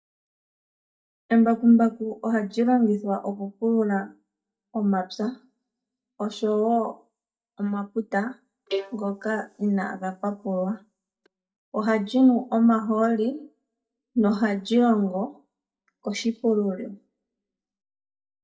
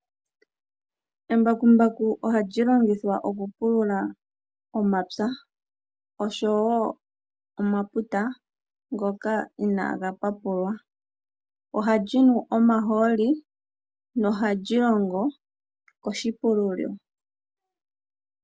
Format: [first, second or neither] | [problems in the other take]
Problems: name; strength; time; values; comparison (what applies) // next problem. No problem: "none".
second | noise reduction (neural mask model DeepFilterNet 3)